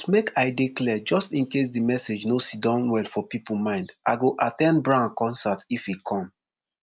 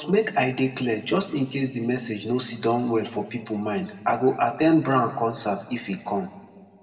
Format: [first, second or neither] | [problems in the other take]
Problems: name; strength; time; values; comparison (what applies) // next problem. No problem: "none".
first | room echo; dies away in 1.5 s